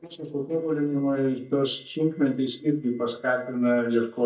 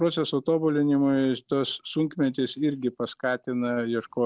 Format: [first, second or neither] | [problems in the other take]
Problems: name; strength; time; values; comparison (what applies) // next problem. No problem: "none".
second | noise reduction (neural mask model DeepFilterNet 3)